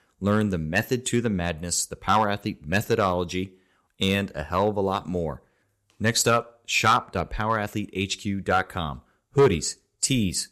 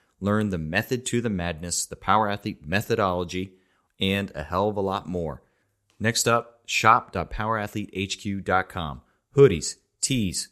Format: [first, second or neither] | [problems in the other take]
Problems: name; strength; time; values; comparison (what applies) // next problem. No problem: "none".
second | distortion; slight; 1.3% of the sound clipped